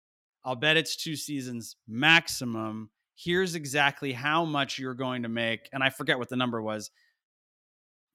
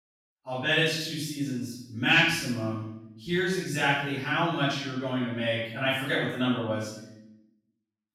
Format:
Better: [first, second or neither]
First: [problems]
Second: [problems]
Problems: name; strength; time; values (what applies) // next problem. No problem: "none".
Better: first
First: none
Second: room echo; strong; dies away in 0.7 s // off-mic speech; far